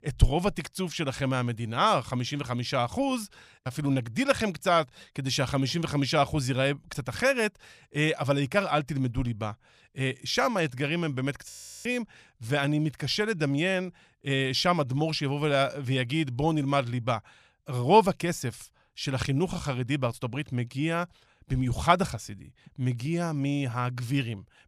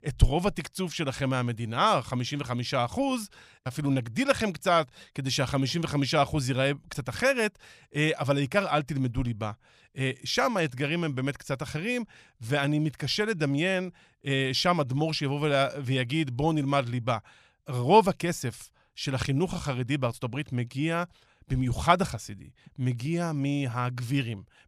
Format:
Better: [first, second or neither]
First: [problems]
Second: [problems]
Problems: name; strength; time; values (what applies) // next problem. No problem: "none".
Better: second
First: audio freezing; at 11 s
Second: none